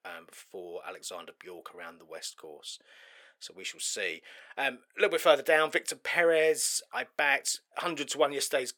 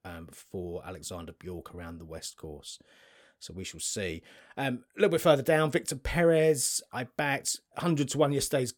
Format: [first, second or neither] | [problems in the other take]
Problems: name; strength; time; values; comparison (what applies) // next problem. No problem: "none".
second | thin; very; fading below 500 Hz